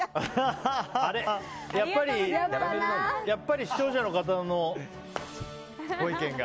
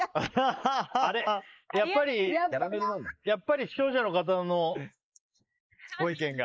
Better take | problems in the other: first | noise reduction (neural mask model Resemble Enhance denoiser)

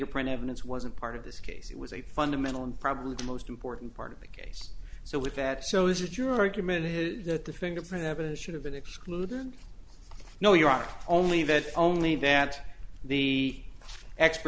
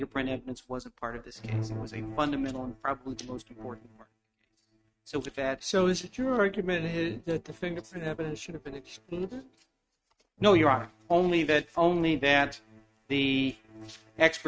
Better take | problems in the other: first | noise reduction (neural mask model RNNoise)

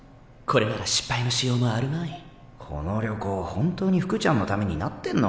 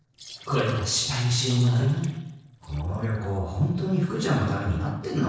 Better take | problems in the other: first | noise reduction (neural separator model SepFormer DNS4)

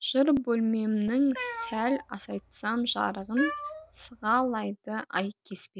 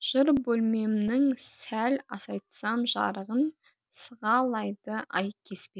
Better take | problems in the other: second | background sound (Cat); 11 dB below the speech

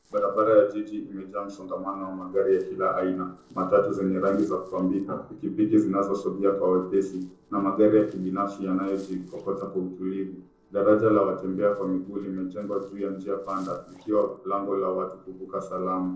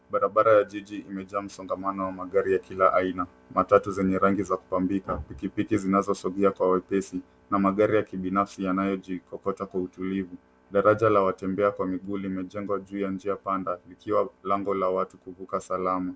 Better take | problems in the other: second | noise reduction (neural separator model SepFormer DNS4)

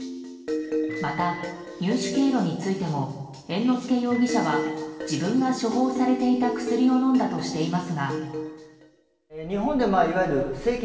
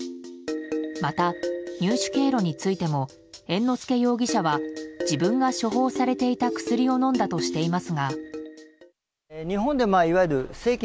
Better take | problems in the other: second | background sound (Microwave oven); 16 dB below the speech // room echo; dies away in 1.2 s

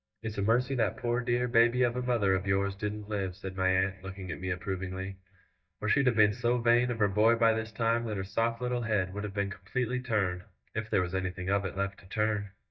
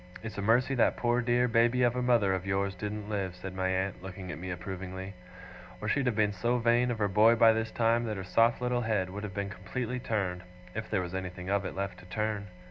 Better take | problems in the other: second | noise reduction (neural mask model DeepFilterNet 3)

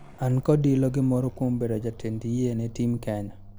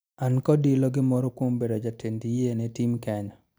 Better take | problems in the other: second | background sound (Car passing by / Accelerating, revving, vroom); 17 dB below the speech

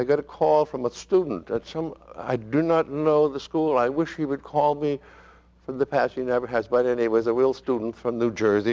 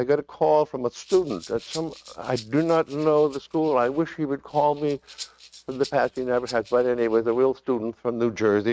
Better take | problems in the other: first | noise reduction (neural mask model RNNoise)

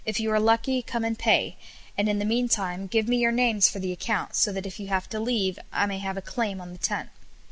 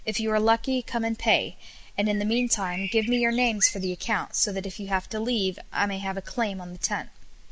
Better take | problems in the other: first | background sound (Bird); 12 dB below the speech

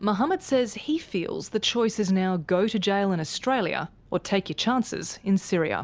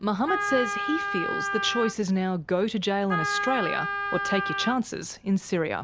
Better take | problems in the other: first | background sound (Wind instrument, woodwind instrument); 2 dB below the speech

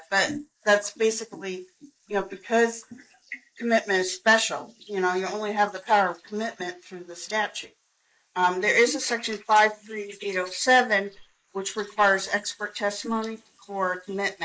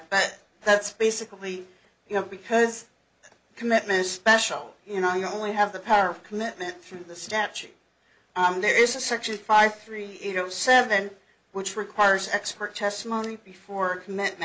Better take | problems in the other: second | noise reduction (neural mask model Resemble Enhance denoiser)

